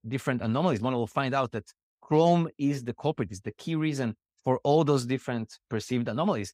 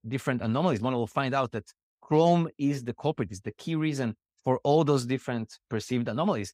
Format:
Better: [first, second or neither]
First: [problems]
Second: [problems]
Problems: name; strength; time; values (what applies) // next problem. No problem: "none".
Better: neither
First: none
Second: none